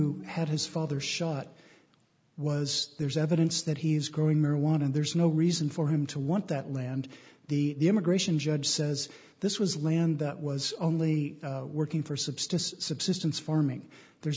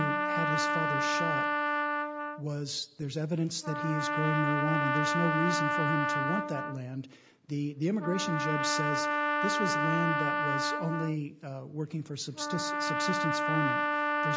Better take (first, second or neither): first